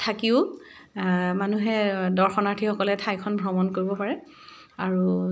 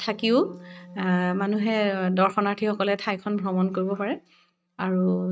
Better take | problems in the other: first | noise reduction (neural mask model RNNoise)

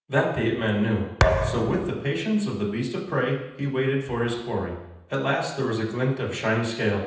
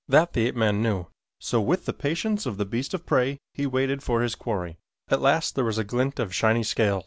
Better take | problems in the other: second | background sound (Thump, thud); 1 dB above the speech // room echo; dies away in 0.9 s

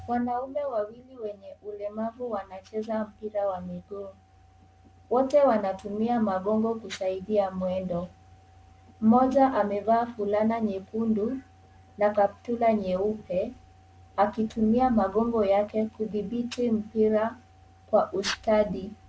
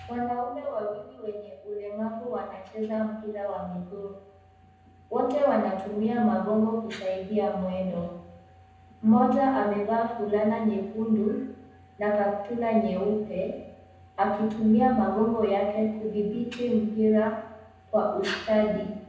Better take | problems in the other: first | room echo; dies away in 0.9 s

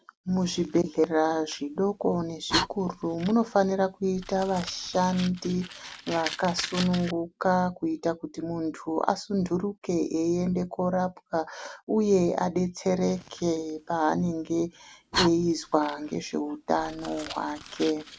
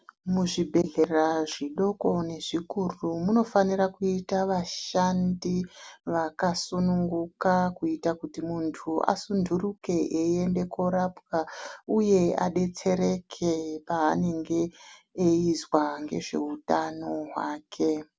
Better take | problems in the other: second | background sound (Fire); 13 dB below the speech

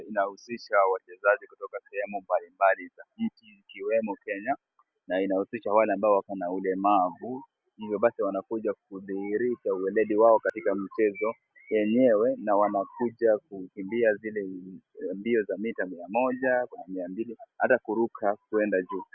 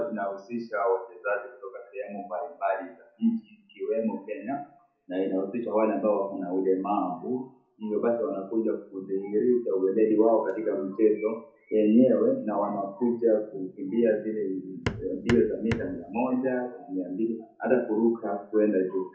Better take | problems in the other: first | background sound (Hammer); 7 dB below the speech // room echo; dies away in 0.6 s

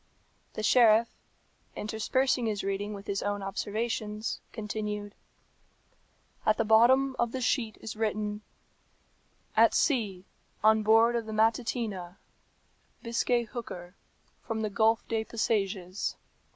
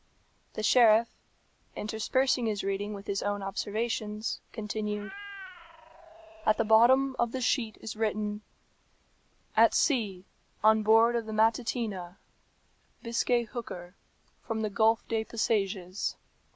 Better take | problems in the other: first | background sound (Meow); 16 dB below the speech

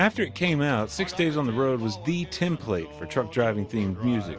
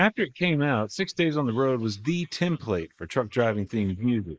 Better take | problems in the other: first | noise reduction (neural mask model Resemble Enhance denoiser)

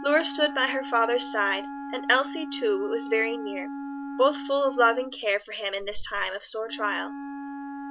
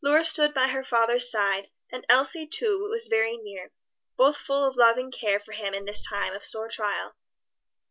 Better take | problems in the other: second | background sound (Wind instrument, woodwind instrument); 10 dB below the speech

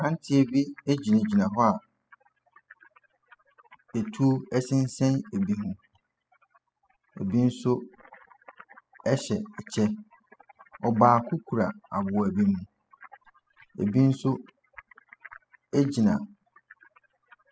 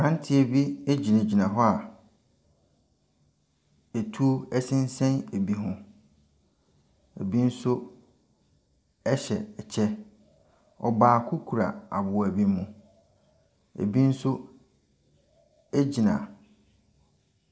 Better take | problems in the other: second | noise reduction (classical method spectral subtraction)

